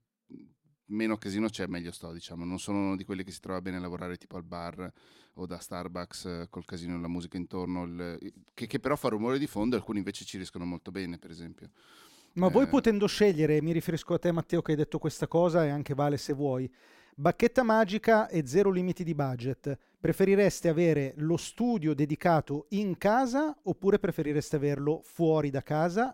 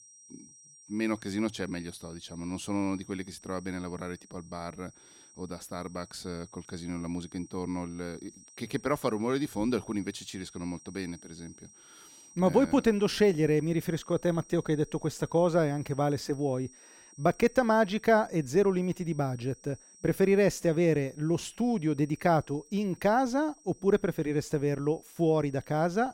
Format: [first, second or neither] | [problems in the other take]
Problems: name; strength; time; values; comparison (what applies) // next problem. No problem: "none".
first | high-pitched whine; faint; throughout; 5.5 kHz, 25 dB below the speech